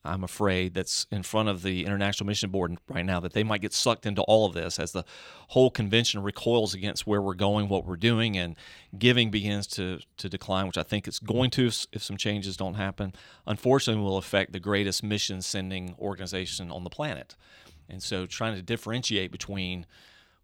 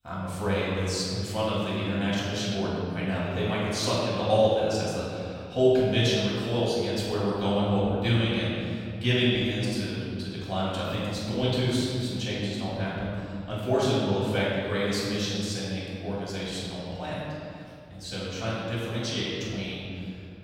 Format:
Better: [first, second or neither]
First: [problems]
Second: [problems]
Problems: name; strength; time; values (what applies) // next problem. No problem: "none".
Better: first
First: none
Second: off-mic speech; far // room echo; strong; dies away in 2.2 s